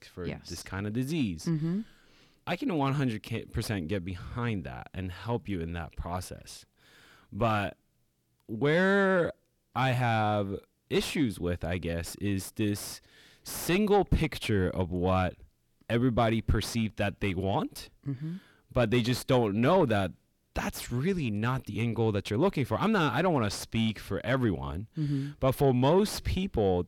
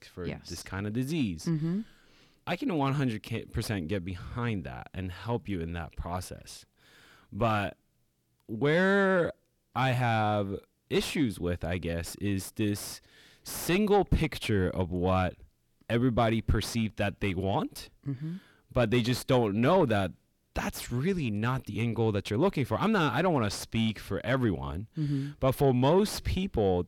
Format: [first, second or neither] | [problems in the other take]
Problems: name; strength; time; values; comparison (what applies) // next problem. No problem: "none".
neither | distortion; slight; 10 dB below the speech; the same in both